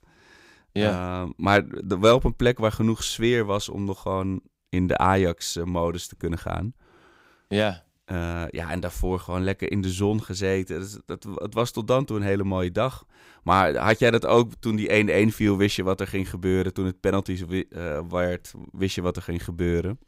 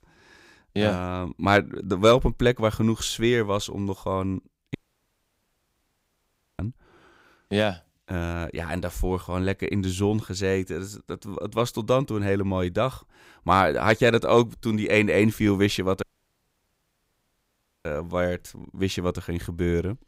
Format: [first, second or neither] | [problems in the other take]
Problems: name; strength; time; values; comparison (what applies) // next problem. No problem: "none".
first | audio cutting out; at 5 s for 2 s and at 16 s for 2 s